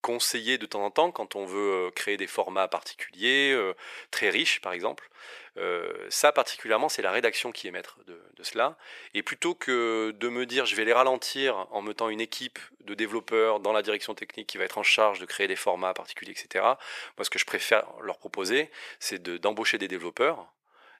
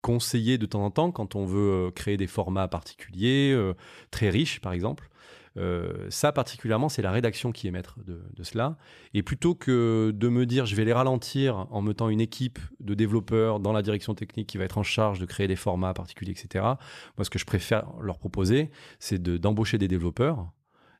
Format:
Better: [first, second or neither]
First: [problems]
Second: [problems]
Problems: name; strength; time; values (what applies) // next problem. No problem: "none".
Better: second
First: thin; very; fading below 450 Hz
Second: none